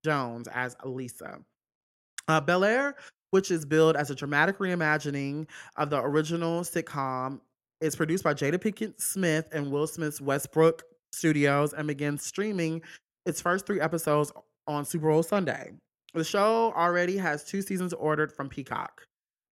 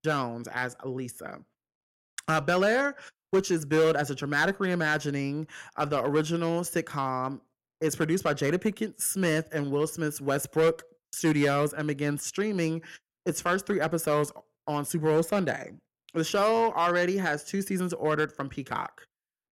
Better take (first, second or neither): first